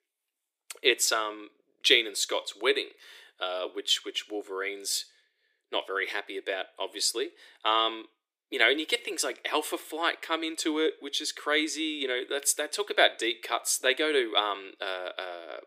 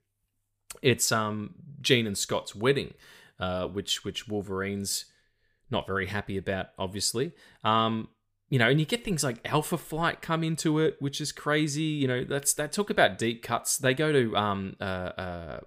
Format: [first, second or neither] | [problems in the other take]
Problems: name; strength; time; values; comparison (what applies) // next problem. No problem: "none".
second | thin; very; fading below 300 Hz